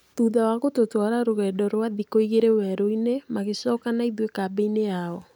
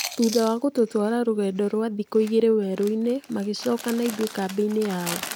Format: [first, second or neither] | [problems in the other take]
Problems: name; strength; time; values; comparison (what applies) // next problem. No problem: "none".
first | background sound (Chewing, mastication); 14 dB below the speech